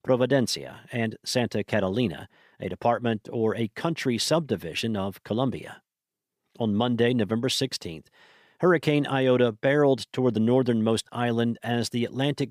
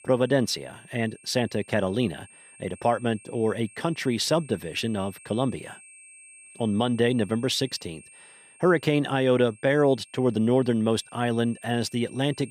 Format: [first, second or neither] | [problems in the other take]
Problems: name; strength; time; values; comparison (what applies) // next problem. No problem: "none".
first | high-pitched whine; faint; throughout; 8.5 kHz, 25 dB below the speech